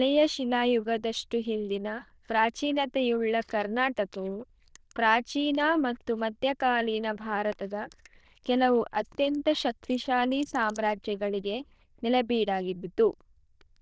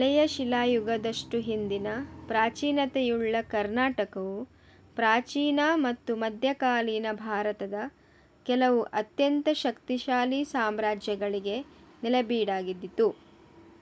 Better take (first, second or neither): second